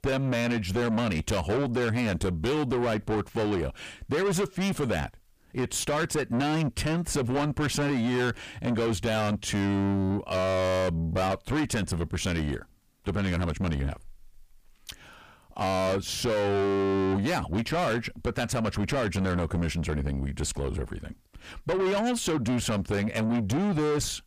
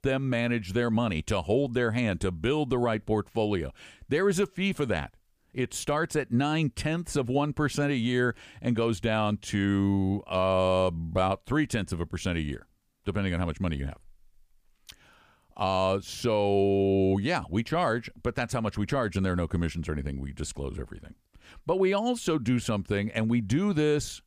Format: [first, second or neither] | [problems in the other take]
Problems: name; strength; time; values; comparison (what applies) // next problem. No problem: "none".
second | distortion; heavy; 7 dB below the speech